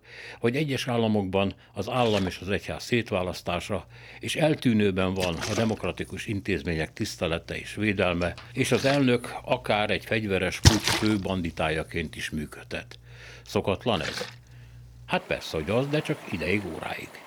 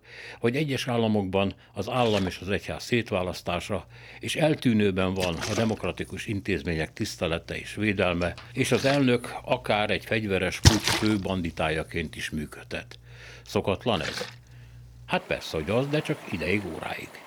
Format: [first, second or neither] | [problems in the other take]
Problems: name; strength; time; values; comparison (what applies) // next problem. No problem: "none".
neither | rain or running water; loud; throughout; 2 dB below the speech; the same in both